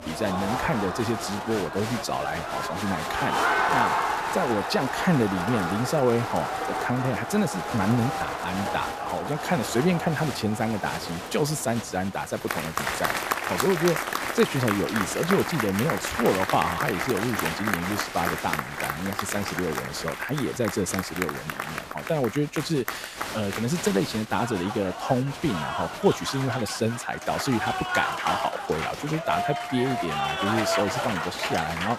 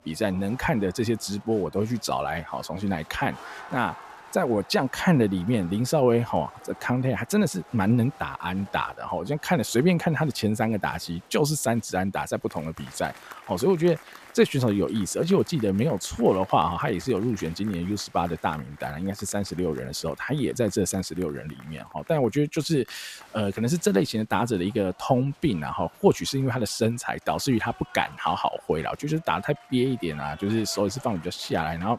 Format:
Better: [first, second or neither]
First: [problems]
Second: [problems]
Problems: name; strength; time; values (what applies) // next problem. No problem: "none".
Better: second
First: crowd noise; loud; throughout; 2 dB below the speech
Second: crowd noise; faint; throughout; 20 dB below the speech